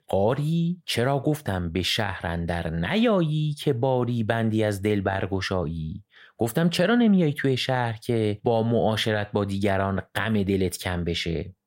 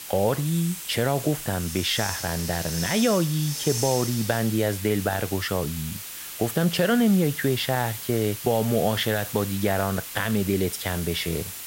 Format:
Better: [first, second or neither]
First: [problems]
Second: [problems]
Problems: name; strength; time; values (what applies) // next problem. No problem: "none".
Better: first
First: none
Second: hiss; loud; throughout; 7 dB below the speech